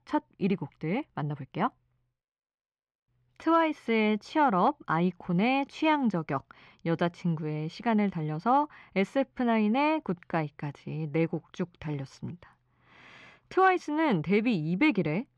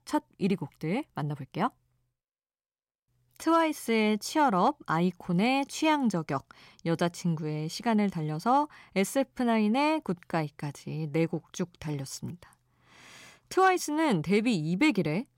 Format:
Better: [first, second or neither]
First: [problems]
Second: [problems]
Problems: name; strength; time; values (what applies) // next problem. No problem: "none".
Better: second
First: muffled; slightly; fading above 2.5 kHz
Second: none